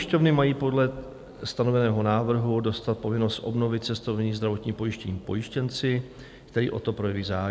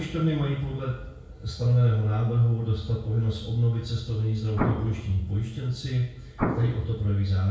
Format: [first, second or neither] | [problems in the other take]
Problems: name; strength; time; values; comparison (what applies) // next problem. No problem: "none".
first | background sound (Explosion); 6 dB below the speech // room echo; dies away in 0.6 s